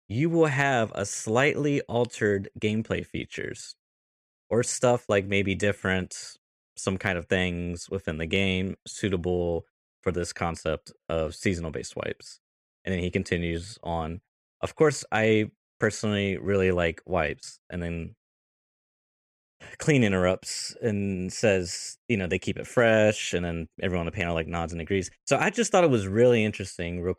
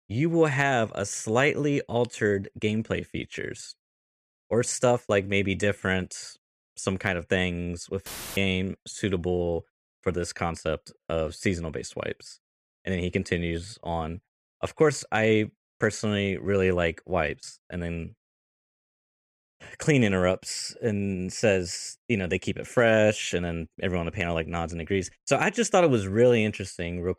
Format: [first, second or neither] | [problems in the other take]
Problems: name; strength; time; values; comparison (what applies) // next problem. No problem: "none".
first | audio cutting out; filled with static; at 8 s